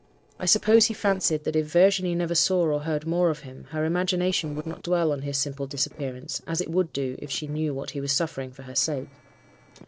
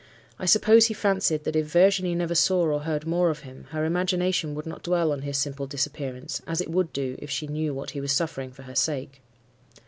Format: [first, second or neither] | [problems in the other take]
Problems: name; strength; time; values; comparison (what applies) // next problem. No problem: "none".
second | noise reduction (neural separator model SepFormer DNS4)